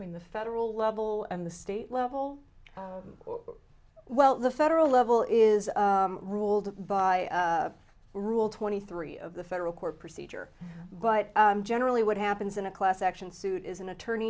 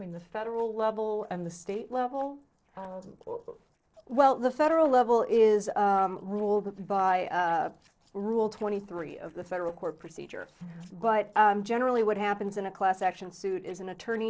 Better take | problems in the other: first | noise reduction (neural separator model SepFormer DNS4)

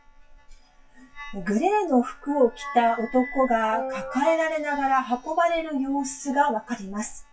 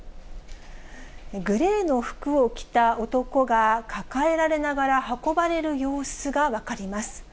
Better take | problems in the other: second | noise reduction (classical method WPE with log-MMSE)

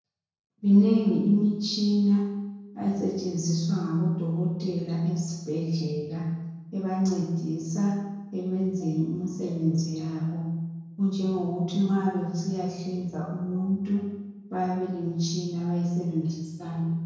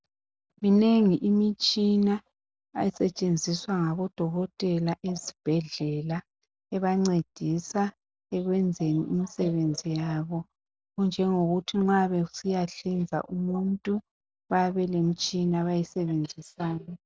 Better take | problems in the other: second | room echo; dies away in 0.9 s

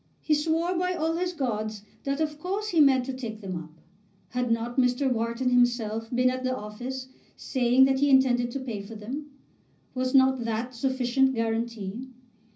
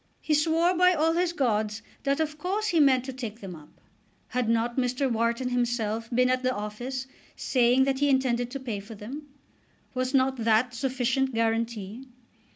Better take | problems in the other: second | room echo; dies away in 0.5 s

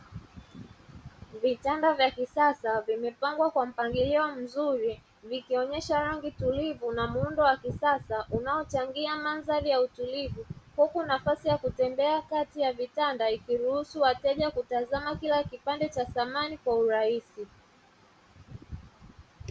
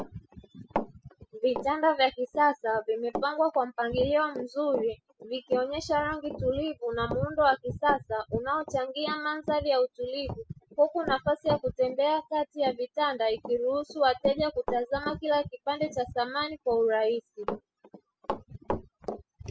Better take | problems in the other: first | noise reduction (classical method spectral subtraction)

